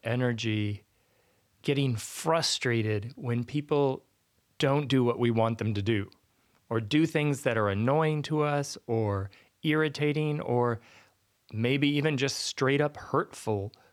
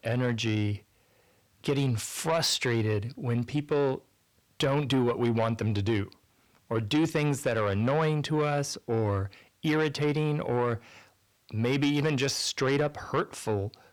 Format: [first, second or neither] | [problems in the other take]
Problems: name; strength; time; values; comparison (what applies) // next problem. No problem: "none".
first | distortion; slight; 10 dB below the speech